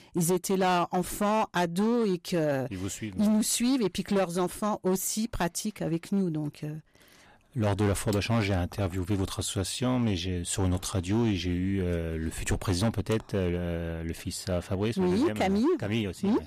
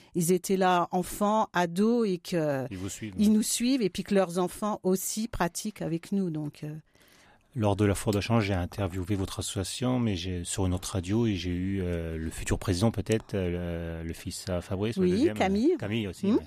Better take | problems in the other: second | distortion; slight; 9% of the sound clipped

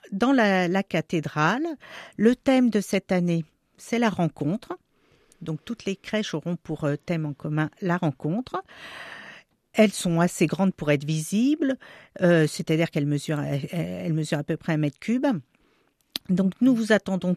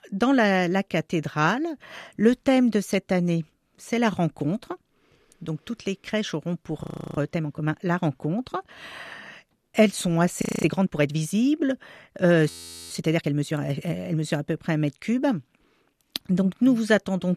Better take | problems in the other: first | audio freezing; at 7 s, at 10 s and at 12 s

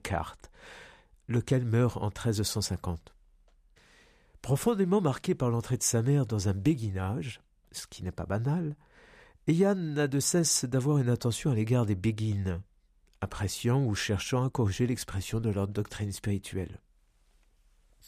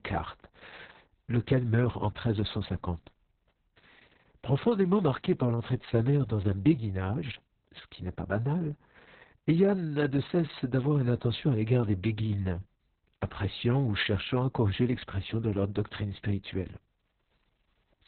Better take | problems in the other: first | garbled, watery; badly; nothing above 4 kHz

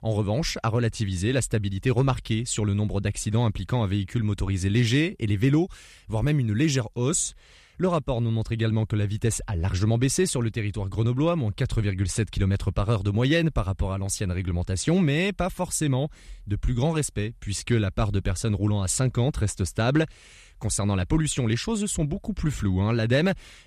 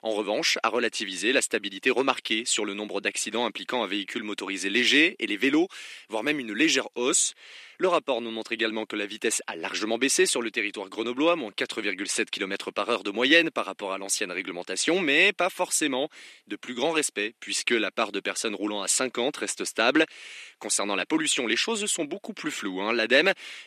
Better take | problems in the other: first | thin; very; fading below 250 Hz

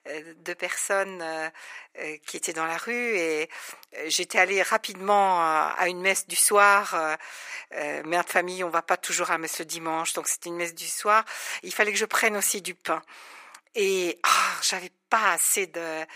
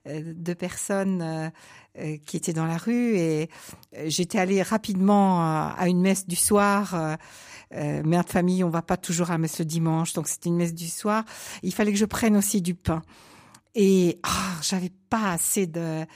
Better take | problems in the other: second | thin; very; fading below 450 Hz

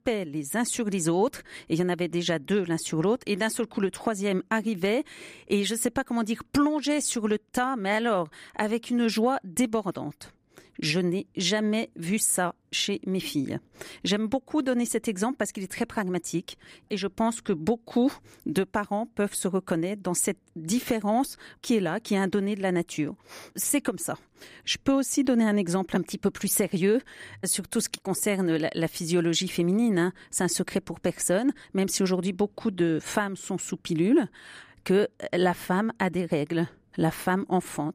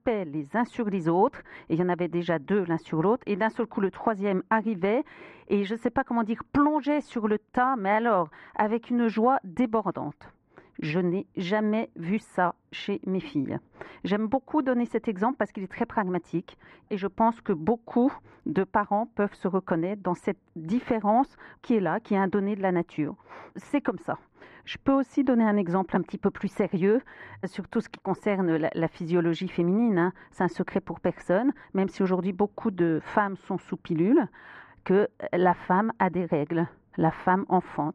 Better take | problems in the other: first | muffled; very; fading above 1.5 kHz

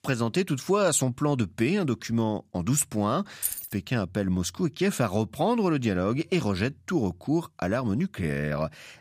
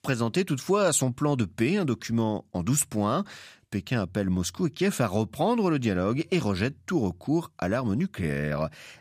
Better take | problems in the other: second | jangling keys; noticeable; at 3.5 s; peak 3 dB below the speech

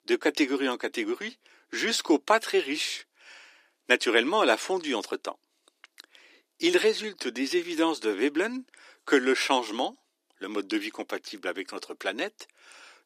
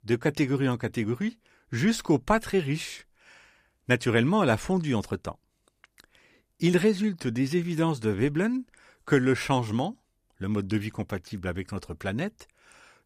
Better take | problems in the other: second | thin; somewhat; fading below 300 Hz

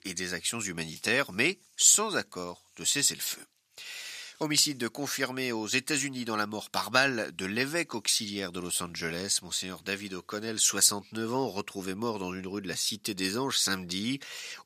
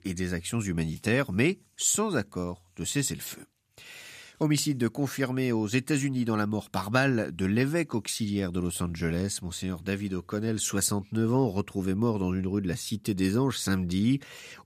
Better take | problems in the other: second | thin; somewhat; fading below 800 Hz

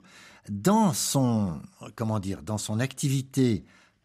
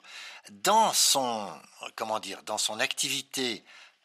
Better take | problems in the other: first | thin; very; fading below 600 Hz

